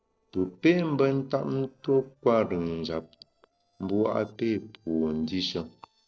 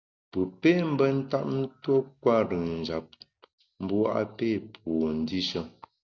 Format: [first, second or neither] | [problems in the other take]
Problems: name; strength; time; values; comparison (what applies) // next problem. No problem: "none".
second | noise reduction (neural separator model SepFormer DNS4)